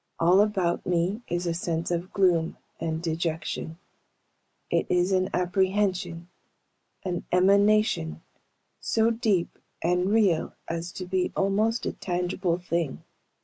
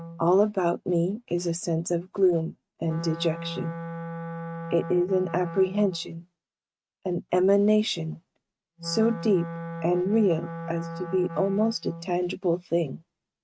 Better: first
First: none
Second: noise reduction (neural mask model RNNoise)

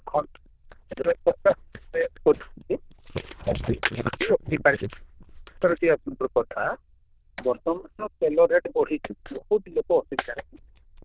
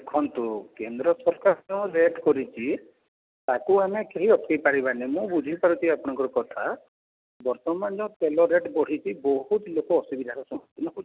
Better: second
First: noise reduction (neural diffusion model UNIVERSE++)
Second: none

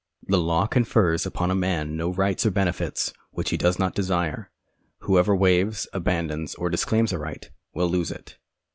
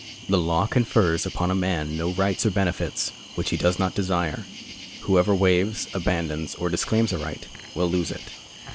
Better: first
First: none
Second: background sound (Cricket); 16 dB below the speech

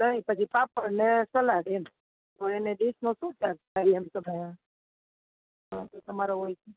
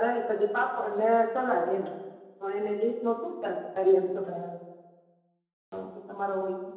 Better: first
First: none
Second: room echo; dies away in 1 s

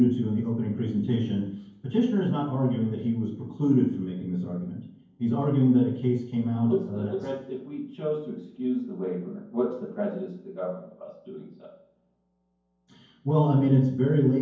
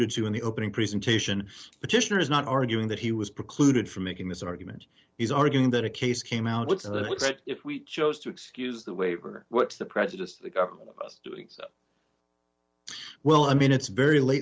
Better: second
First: room echo; dies away in 0.9 s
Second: none

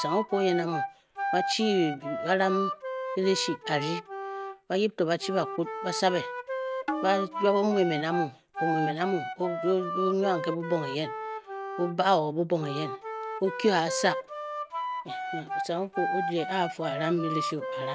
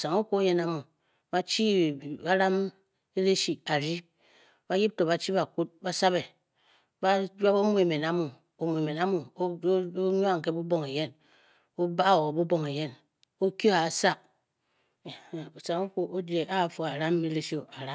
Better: second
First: background sound (Wind instrument, woodwind instrument + Tabla); 5 dB below the speech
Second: none

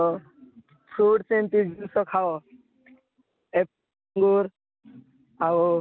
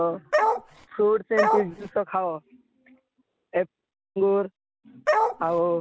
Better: first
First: none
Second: background sound (Bark); 3 dB above the speech

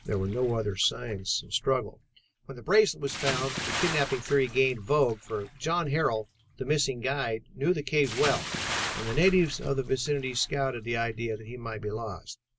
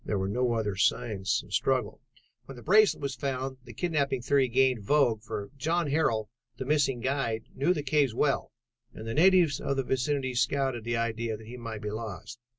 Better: second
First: background sound (Bathtub (filling or washing) / Splash, splatter); 11 dB below the speech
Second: none

